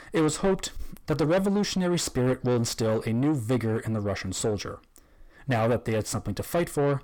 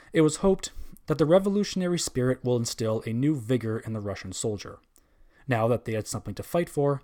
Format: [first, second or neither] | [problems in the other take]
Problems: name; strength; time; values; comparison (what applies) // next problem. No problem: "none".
second | distortion; heavy; 7 dB below the speech